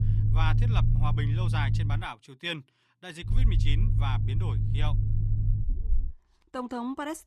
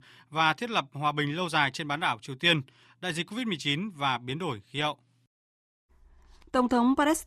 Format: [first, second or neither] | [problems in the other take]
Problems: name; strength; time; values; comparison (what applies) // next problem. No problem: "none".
second | low rumble; loud; until 2 s and from 3.5 to 6 s; 5 dB below the speech